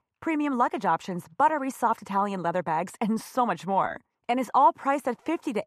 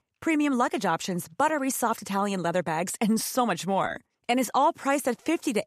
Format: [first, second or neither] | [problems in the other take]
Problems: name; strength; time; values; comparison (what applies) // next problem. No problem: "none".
second | muffled; slightly; fading above 3 kHz